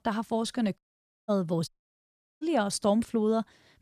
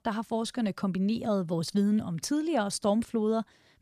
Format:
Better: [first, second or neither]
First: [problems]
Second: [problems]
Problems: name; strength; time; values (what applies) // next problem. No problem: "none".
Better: second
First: audio cutting out; at 1 s for 0.5 s and at 1.5 s for 0.5 s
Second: none